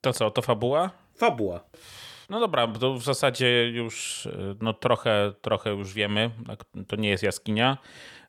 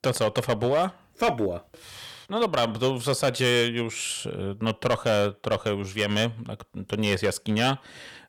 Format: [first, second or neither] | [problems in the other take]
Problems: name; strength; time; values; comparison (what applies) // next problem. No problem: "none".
first | distortion; slight; 5% of the sound clipped